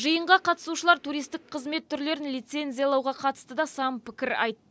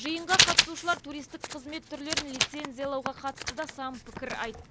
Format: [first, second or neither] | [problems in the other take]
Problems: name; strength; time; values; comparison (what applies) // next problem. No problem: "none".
first | background sound (Writing); 3 dB above the speech